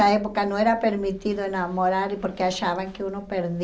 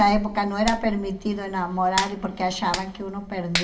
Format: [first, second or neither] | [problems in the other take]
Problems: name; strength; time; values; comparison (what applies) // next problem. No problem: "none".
first | background sound (Hands); 9 dB below the speech // room echo; dies away in 0.8 s